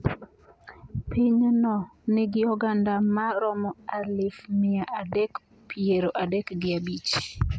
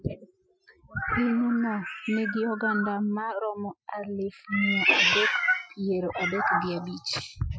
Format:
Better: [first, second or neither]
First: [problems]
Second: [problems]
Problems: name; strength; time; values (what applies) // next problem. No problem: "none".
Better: first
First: none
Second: noise reduction (classical method Wiener filter)